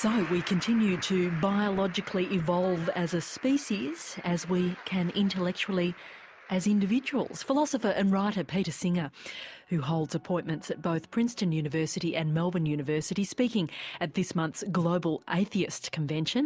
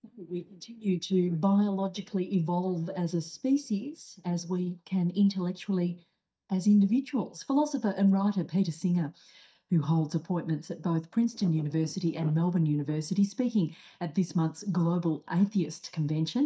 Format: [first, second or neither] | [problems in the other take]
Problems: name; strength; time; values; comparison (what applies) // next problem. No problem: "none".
first | noise reduction (neural mask model DeepFilterNet 3)